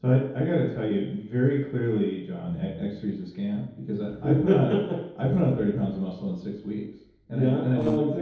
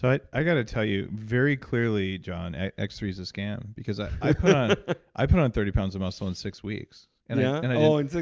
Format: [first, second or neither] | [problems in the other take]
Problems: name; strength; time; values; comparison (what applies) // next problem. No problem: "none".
second | noise reduction (neural separator model SepFormer DNS4)